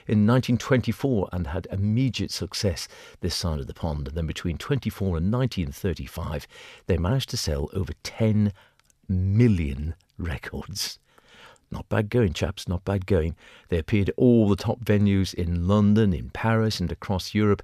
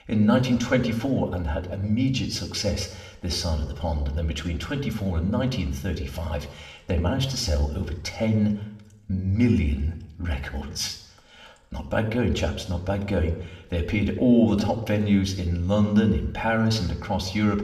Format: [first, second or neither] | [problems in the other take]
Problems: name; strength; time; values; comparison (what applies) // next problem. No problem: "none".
first | room echo; slight; dies away in 0.7 s // off-mic speech; somewhat distant